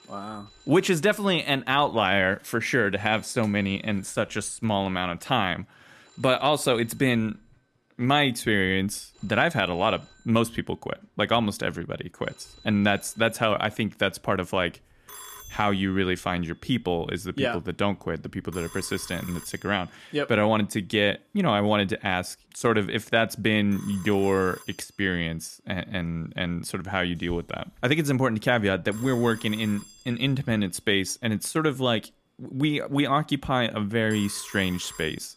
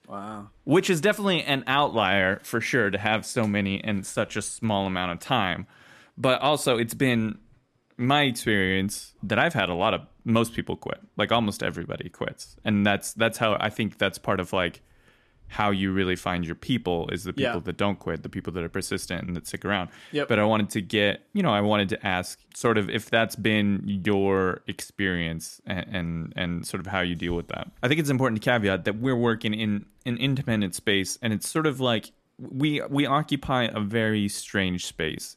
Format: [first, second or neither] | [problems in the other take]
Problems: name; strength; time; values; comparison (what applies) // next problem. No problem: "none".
second | alarms or sirens; faint; throughout; 20 dB below the speech